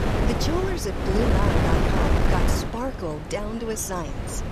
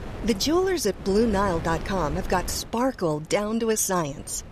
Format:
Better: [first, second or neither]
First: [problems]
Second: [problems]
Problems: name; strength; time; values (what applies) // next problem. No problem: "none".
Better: second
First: wind noise on the microphone; heavy; 2 dB above the speech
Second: wind noise on the microphone; occasional gusts; 15 dB below the speech